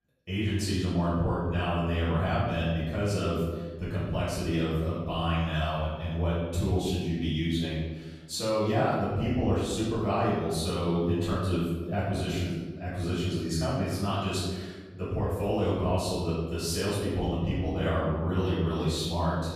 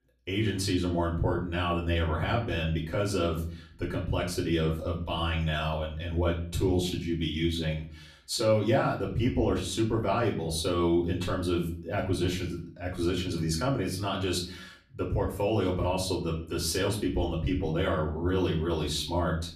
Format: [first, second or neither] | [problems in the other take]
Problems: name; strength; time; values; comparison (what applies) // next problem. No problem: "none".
second | room echo; strong; dies away in 1.3 s; slight in the second // off-mic speech; far; far in the second